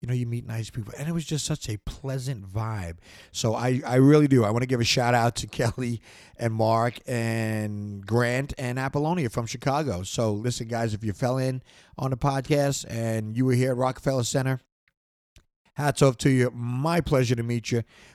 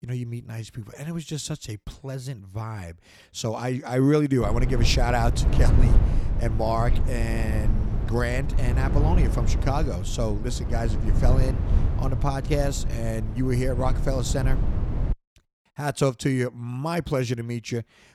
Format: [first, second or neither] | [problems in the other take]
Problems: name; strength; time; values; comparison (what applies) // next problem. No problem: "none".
first | low rumble; loud; from 4.5 to 15 s; 9 dB below the speech